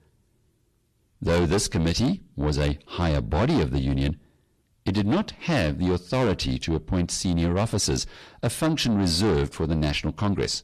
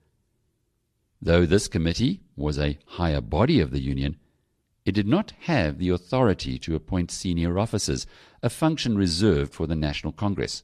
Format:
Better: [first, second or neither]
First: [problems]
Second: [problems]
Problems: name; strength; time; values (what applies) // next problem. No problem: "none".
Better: second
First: distortion; heavy; 7 dB below the speech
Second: none